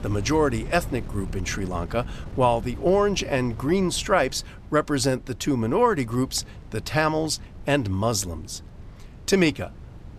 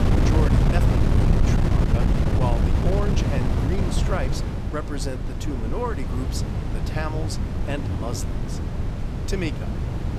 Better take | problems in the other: first | wind noise on the microphone; heavy; as loud as the speech; occasional gusts in the first

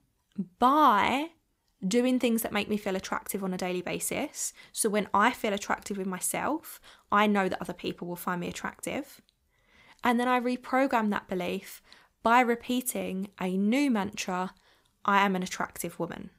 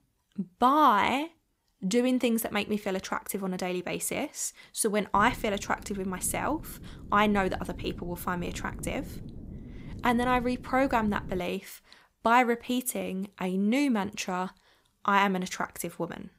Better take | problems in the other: first | wind noise on the microphone; occasional gusts; from 5 to 11 s; 25 dB below the speech

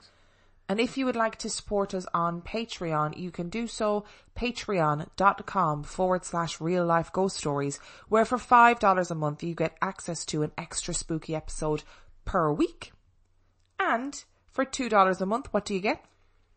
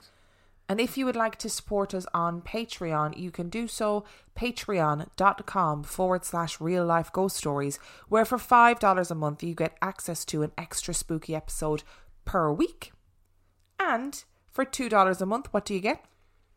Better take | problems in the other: second | garbled, watery; slightly; nothing above 8 kHz

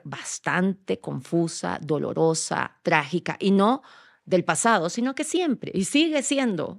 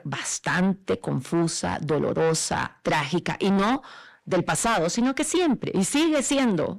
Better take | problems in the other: first | distortion; heavy; 6 dB below the speech

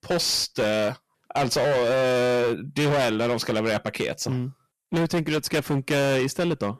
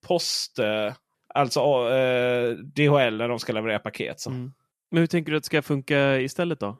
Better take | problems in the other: second | distortion; heavy; 25% of the sound clipped

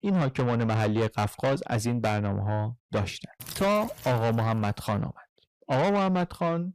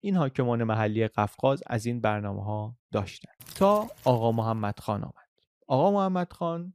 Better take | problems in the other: second | distortion; heavy; 6 dB below the speech

